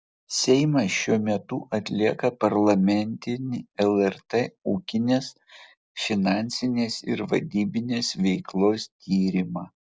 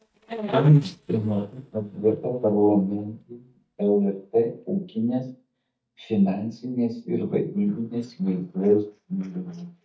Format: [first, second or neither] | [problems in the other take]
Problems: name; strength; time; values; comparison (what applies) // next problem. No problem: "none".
first | noise reduction (neural mask model DeepFilterNet 3)